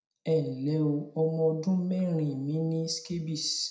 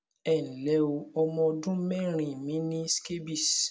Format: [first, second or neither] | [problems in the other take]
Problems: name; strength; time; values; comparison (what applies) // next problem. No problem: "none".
second | room echo; dies away in 0.4 s